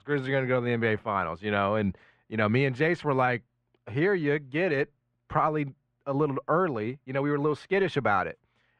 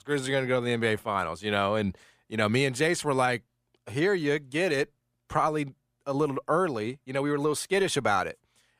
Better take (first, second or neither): second